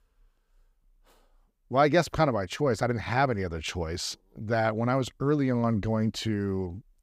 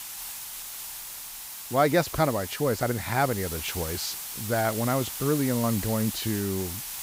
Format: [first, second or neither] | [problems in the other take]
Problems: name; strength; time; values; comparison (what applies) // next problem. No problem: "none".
first | hiss; loud; throughout; 7 dB below the speech